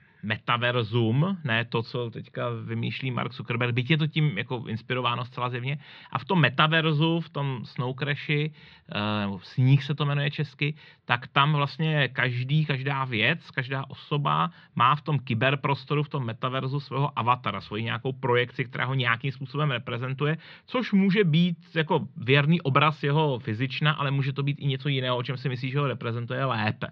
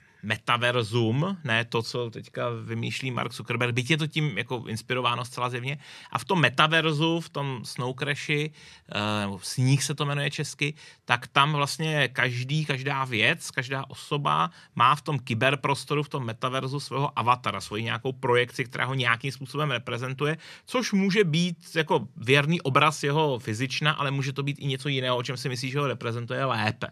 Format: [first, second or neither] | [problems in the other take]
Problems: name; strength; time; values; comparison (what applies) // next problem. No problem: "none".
second | muffled; slightly; fading above 4 kHz